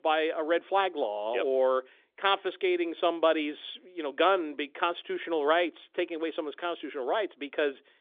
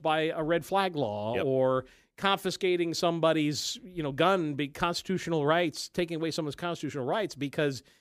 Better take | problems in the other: second | phone-call audio; nothing above 3.5 kHz

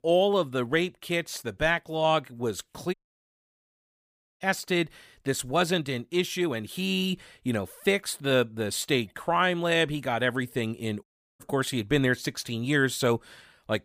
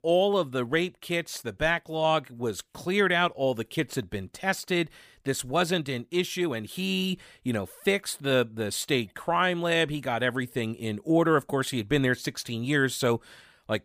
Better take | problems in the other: second | audio cutting out; at 3 s for 1.5 s and at 11 s

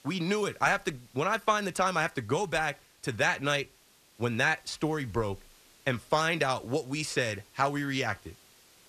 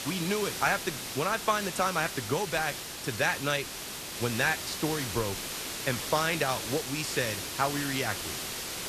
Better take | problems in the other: first | hiss; loud; throughout; 4 dB below the speech; faint in the first

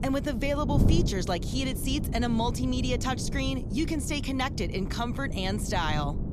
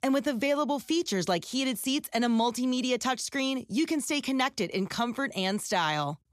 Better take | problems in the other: second | wind noise on the microphone; heavy; 10 dB below the speech

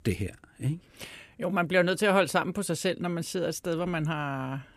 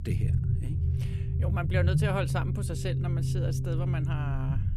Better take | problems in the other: first | low rumble; loud; throughout; 5 dB below the speech

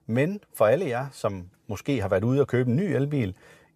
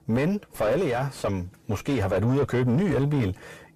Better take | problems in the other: first | distortion; heavy; 6 dB below the speech

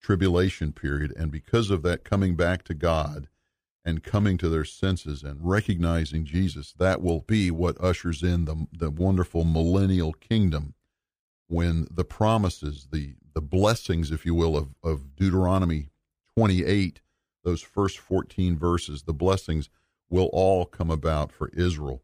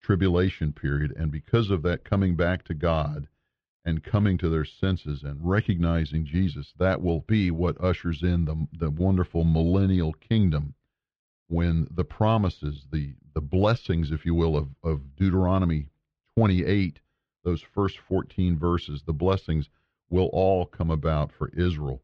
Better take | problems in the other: first | muffled; very slightly; fading above 4 kHz

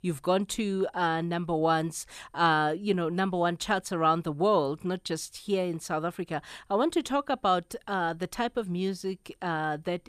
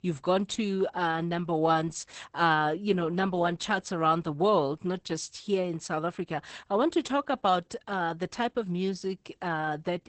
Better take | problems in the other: first | garbled, watery; badly; nothing above 8 kHz

